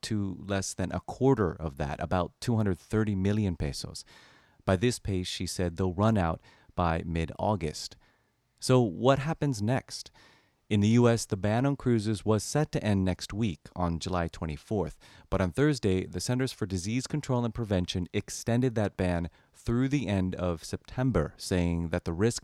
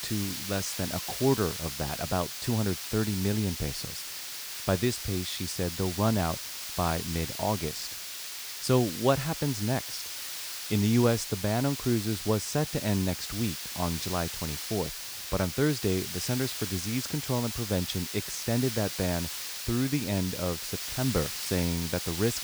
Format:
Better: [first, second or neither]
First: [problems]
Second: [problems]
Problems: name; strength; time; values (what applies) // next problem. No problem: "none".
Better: first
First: none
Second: hiss; loud; throughout; 4 dB below the speech